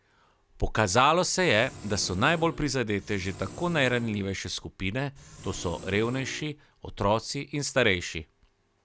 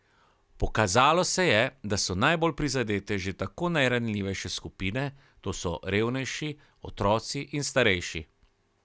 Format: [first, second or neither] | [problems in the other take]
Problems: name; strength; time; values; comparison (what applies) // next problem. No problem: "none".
second | background sound (Engine); 16 dB below the speech